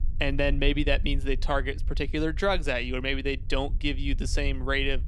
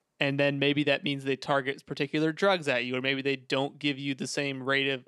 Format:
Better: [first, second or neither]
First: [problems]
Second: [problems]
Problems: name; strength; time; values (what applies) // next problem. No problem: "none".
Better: second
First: low rumble; faint; throughout; 25 dB below the speech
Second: none